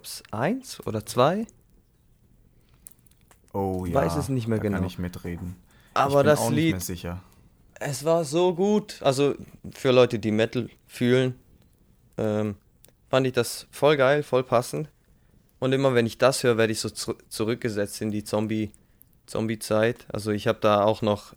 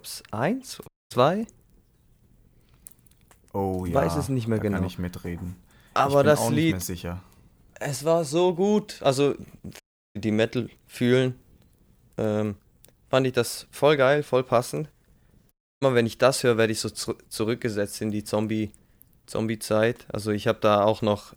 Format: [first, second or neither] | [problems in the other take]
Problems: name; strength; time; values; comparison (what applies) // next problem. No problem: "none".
first | audio cutting out; at 1 s, at 10 s and at 16 s